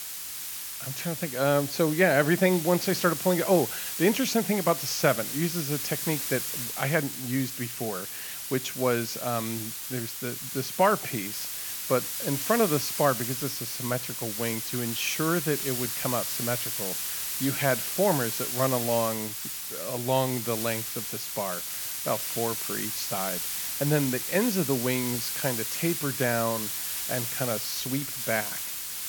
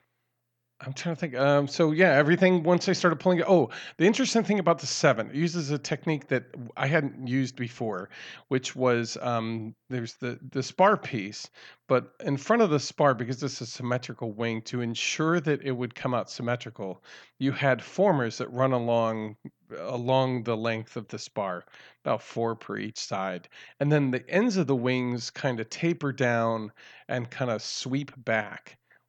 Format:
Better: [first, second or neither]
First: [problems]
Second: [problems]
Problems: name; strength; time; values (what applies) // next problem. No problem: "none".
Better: second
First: hiss; loud; throughout; 2 dB below the speech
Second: none